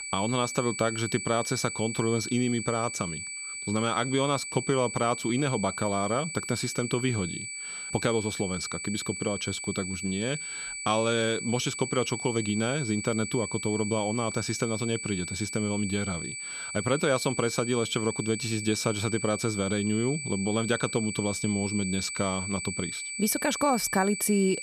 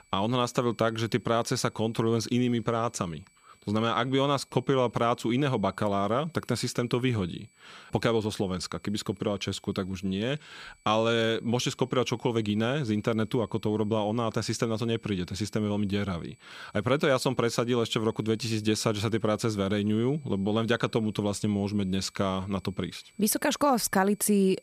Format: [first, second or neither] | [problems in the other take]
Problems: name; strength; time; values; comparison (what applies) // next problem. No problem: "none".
second | high-pitched whine; loud; throughout; 2.5 kHz, 5 dB below the speech; faint in the second